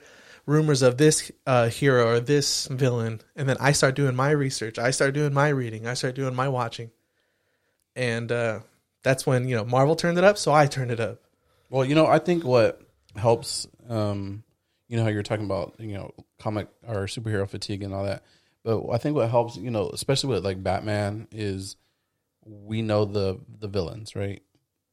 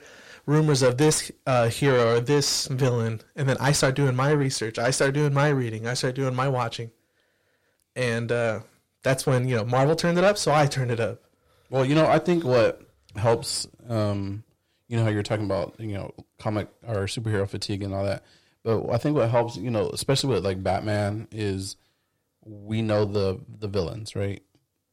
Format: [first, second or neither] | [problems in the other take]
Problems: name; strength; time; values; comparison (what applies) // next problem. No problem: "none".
first | distortion; slight; 10 dB below the speech